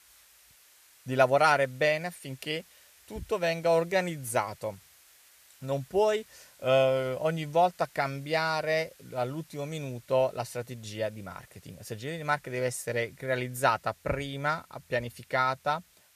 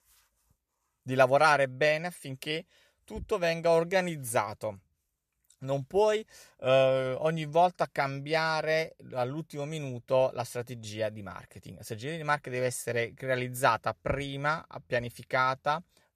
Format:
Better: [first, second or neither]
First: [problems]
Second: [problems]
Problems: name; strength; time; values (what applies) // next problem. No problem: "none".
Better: second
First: hiss; faint; throughout; 25 dB below the speech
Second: none